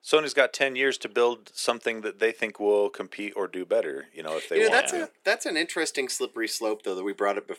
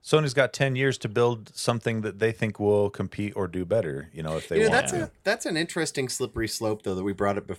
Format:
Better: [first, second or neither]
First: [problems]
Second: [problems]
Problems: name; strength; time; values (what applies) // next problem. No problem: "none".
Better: second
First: thin; somewhat; fading below 300 Hz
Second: none